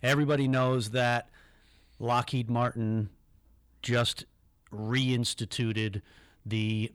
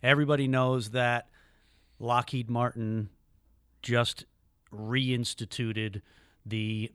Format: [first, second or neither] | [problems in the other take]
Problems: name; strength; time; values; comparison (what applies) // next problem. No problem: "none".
second | distortion; slight; 10 dB below the speech